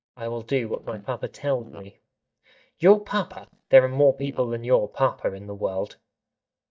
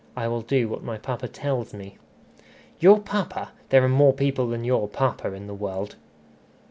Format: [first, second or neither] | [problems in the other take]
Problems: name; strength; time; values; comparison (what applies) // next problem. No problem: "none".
second | noise reduction (neural mask model DeepFilterNet 3)